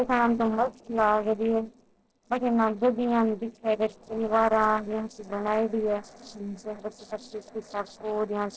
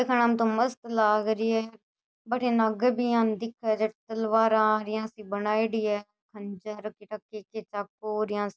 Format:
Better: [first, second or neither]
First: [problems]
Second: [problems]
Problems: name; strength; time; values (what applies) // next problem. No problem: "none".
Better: second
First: noise reduction (neural separator model SepFormer DNS4)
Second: none